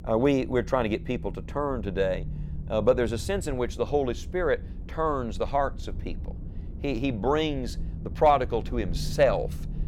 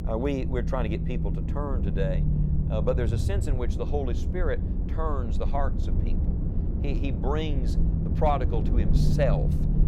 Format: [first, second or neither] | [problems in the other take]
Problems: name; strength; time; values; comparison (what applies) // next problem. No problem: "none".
first | low rumble; loud; throughout; 7 dB below the speech; faint in the first